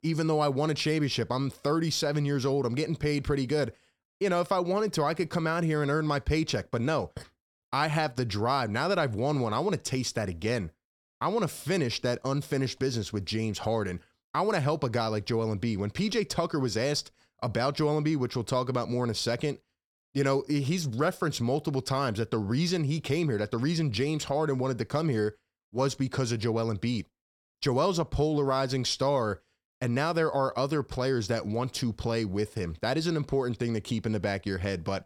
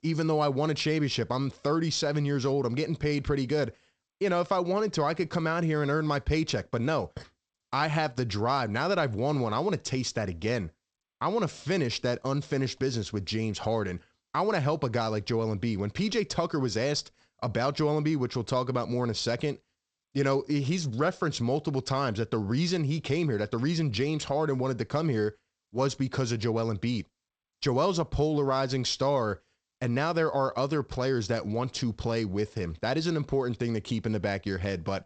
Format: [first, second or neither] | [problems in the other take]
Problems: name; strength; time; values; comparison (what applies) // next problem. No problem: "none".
first | garbled, watery; slightly; nothing above 8 kHz